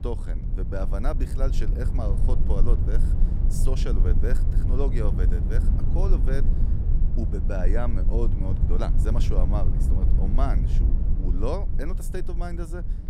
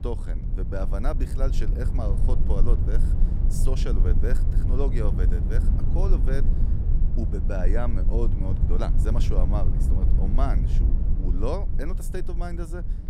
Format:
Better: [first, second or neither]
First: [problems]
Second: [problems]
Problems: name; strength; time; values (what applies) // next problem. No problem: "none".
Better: neither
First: low rumble; loud; throughout; 6 dB below the speech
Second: low rumble; loud; throughout; 6 dB below the speech